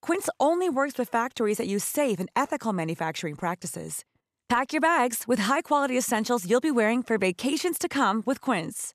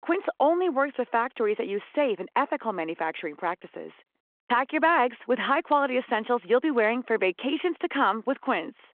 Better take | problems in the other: first | phone-call audio

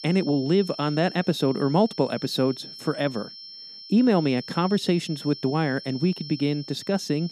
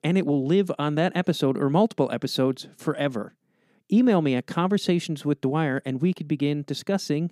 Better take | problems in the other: second | high-pitched whine; noticeable; throughout; 5.5 kHz, 15 dB below the speech

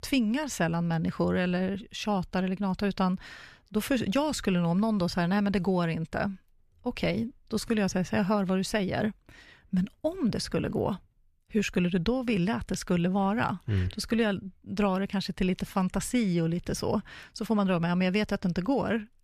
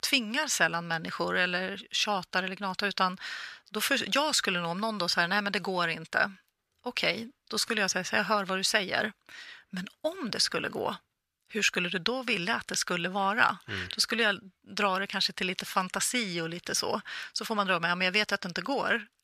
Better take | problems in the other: first | thin; somewhat; fading below 1 kHz

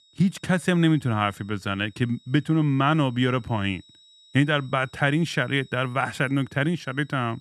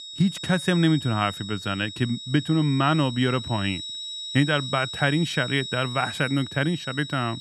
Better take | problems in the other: first | high-pitched whine; loud; throughout; 4 kHz, 9 dB below the speech; faint in the first

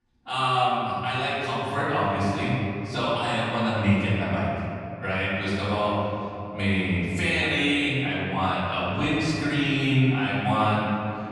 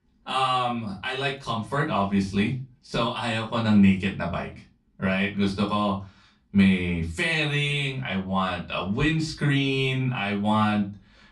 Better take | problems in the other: second | room echo; strong; dies away in 2.6 s; slight in the second // off-mic speech; far; far in the second

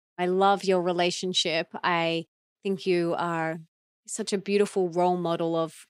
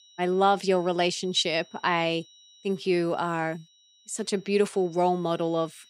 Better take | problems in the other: first | high-pitched whine; faint; throughout; 4 kHz, 30 dB below the speech

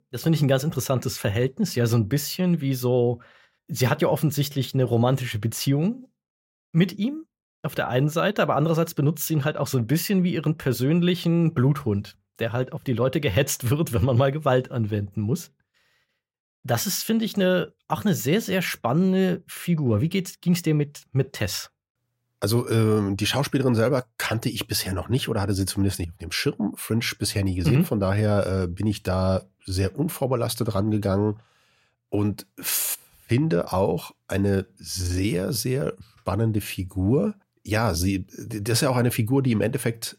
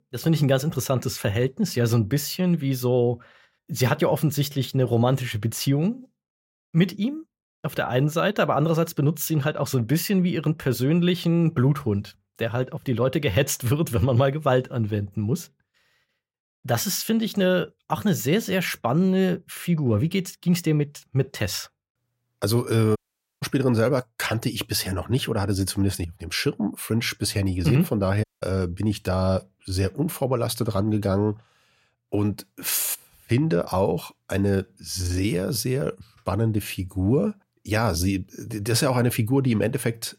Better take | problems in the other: first | audio cutting out; at 23 s and at 28 s

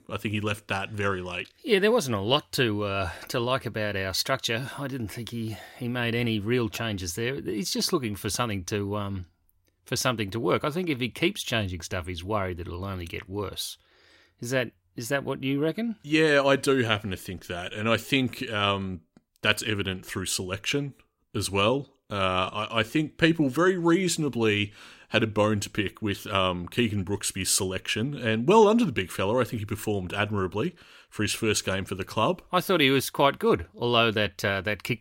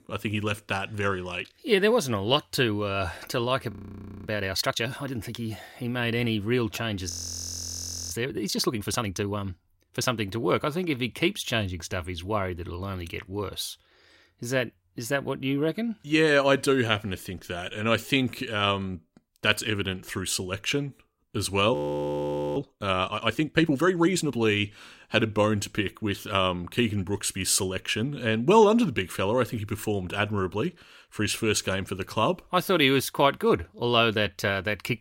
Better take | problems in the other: first | audio freezing; at 3.5 s for 0.5 s, at 7 s for 1 s and at 22 s for 1 s

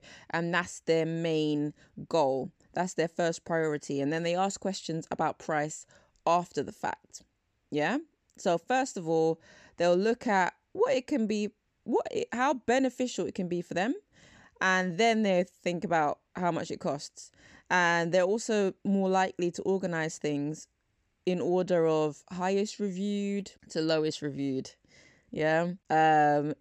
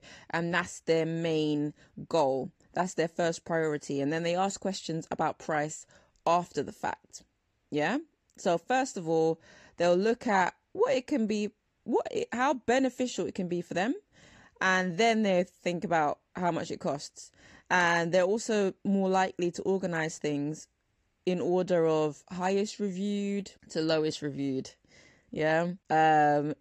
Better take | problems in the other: first | garbled, watery; slightly; nothing above 14.5 kHz

